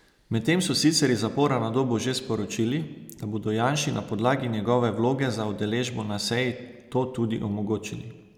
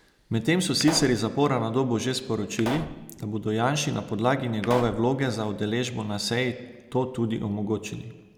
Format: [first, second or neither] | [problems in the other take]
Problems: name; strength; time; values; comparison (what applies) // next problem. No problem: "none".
first | background sound (Explosion); 13 dB below the speech